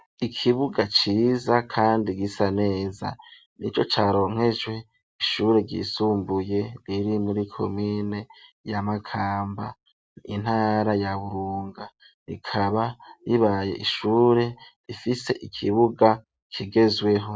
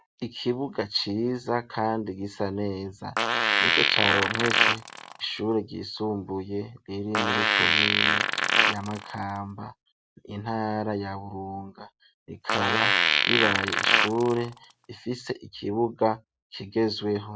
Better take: first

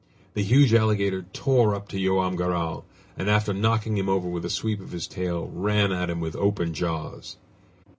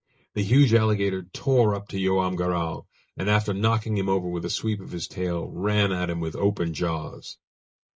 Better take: first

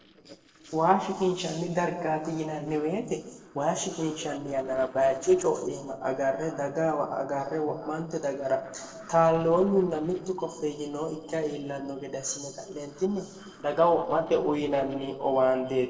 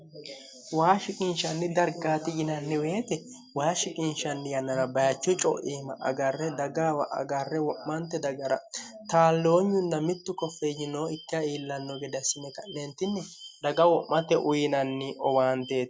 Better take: second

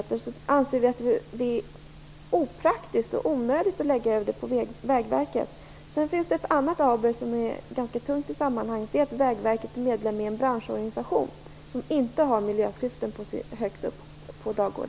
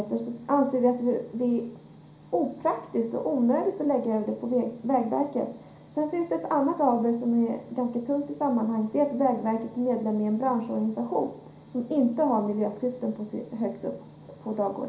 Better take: first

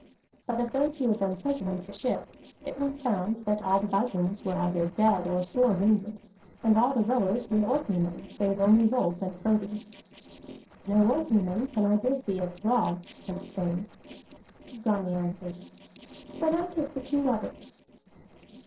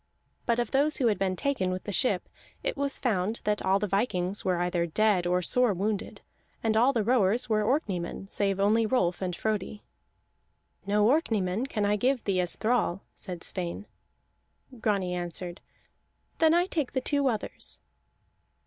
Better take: second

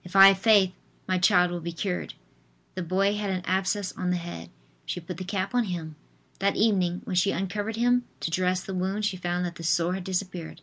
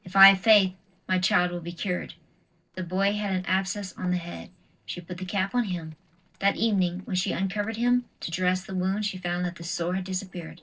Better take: first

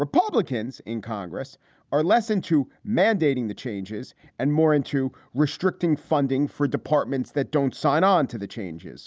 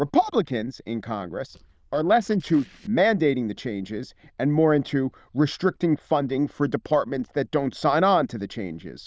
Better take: first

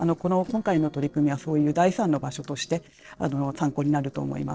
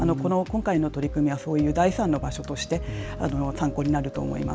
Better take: second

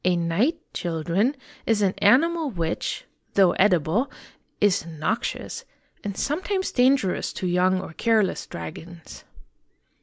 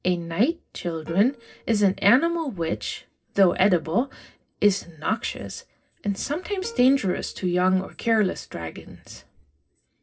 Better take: first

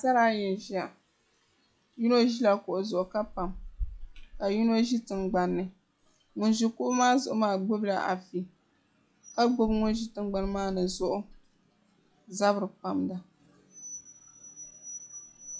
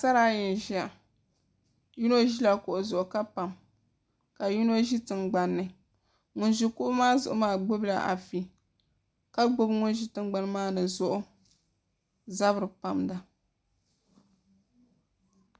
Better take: second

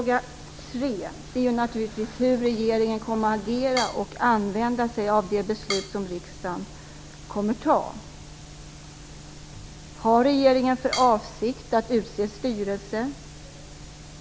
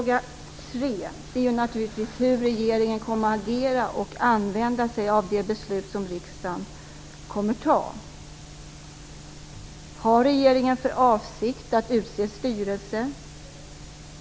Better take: second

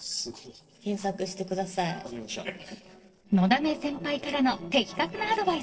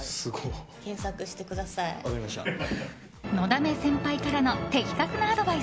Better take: second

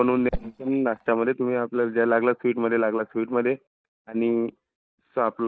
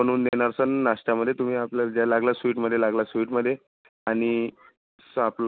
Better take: second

